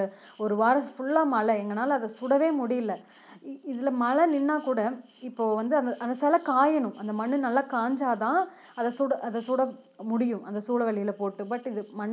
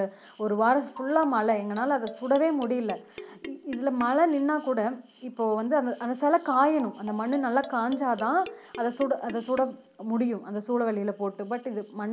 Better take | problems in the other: first | background sound (Marimba, xylophone); 17 dB below the speech

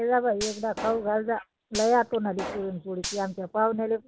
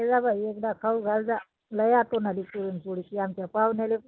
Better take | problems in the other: second | background sound (Explosion + Gunshot, gunfire); 12 dB below the speech

